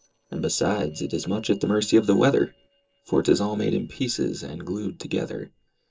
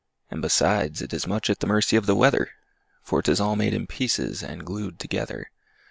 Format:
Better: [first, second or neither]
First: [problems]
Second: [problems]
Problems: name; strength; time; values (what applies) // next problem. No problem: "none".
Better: second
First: noise reduction (neural separator model SepFormer DNS4)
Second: none